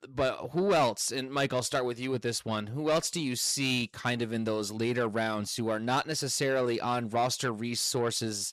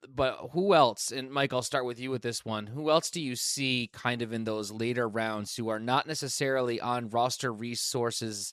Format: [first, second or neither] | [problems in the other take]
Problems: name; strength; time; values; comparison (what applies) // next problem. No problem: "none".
second | distortion; slight; 10 dB below the speech